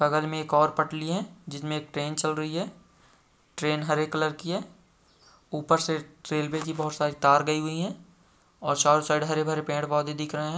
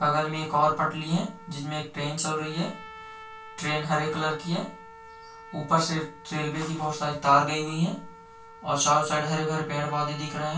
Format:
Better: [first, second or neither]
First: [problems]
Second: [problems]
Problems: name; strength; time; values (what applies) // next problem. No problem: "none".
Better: first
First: none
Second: background sound (Trumpet); 19 dB below the speech // room echo; dies away in 0.2 s